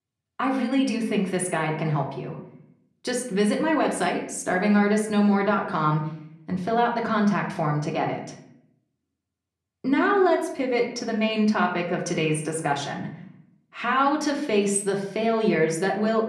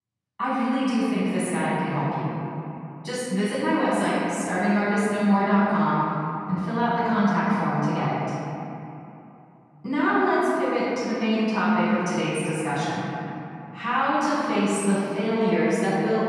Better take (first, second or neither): first